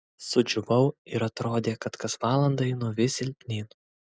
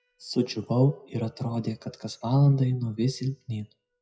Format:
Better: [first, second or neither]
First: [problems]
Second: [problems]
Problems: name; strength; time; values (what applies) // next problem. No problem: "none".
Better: first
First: none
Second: noise reduction (classical method WPE with log-MMSE)